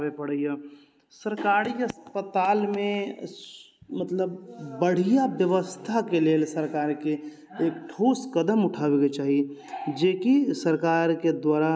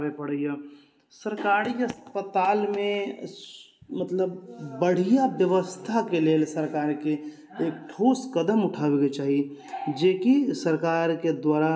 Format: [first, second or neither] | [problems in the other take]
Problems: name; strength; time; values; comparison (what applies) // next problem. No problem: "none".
first | room echo; dies away in 0.3 s